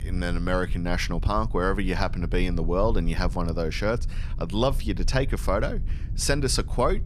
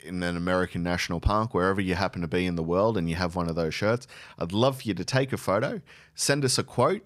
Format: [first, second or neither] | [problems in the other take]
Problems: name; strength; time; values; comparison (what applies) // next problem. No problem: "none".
second | low rumble; faint; throughout; 20 dB below the speech